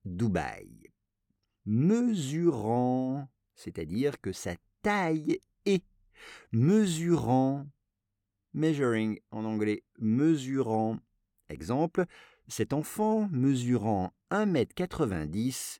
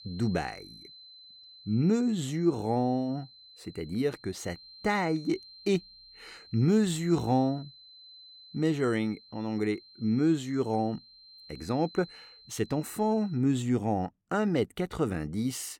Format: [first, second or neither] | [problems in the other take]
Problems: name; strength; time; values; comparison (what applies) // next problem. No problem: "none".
first | high-pitched whine; faint; until 13 s; 4 kHz, 20 dB below the speech